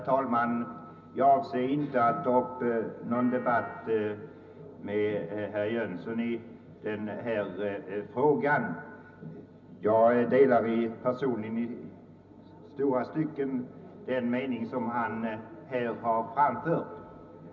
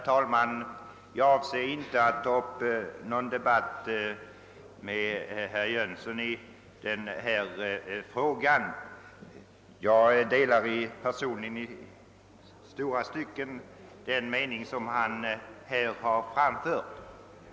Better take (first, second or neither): second